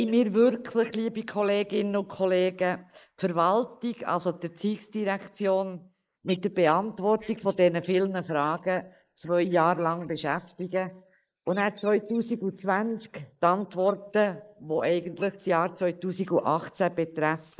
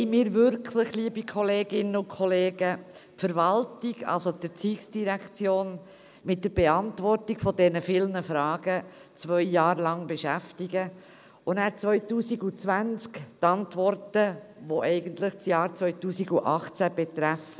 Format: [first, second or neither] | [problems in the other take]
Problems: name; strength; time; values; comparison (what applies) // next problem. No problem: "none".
second | noise reduction (neural mask model Resemble Enhance denoiser)